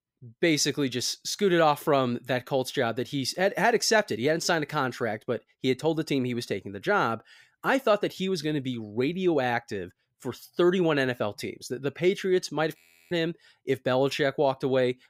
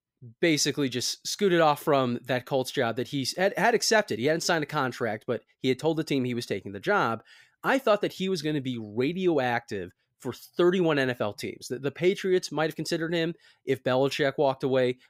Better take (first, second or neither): second